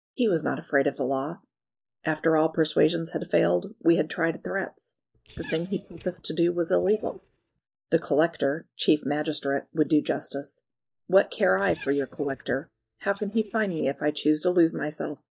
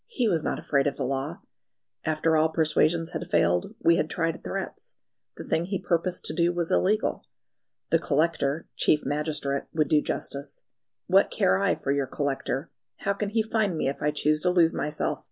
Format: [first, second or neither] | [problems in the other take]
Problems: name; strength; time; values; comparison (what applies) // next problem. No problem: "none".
second | noise reduction (neural mask model DeepFilterNet 3)